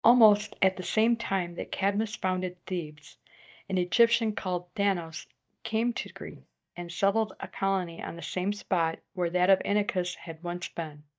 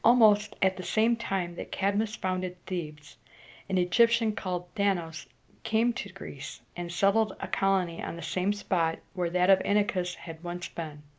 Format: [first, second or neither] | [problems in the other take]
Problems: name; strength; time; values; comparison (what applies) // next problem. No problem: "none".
second | noise reduction (neural mask model DeepFilterNet 3)